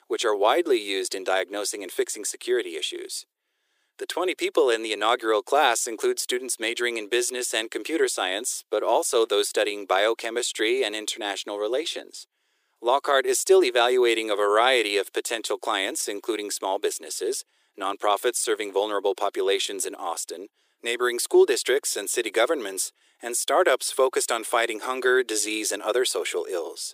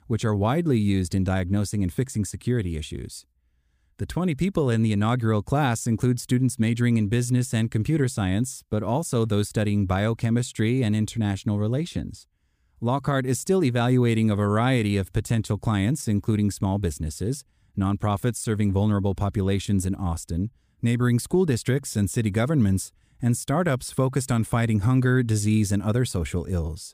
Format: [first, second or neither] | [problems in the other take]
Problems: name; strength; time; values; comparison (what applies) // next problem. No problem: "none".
second | thin; very; fading below 350 Hz